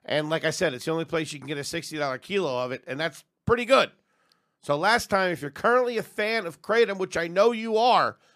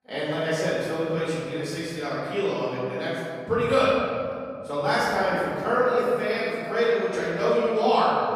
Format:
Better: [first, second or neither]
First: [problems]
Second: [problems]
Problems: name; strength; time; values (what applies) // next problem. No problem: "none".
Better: first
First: none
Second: off-mic speech; far // room echo; strong; dies away in 2.5 s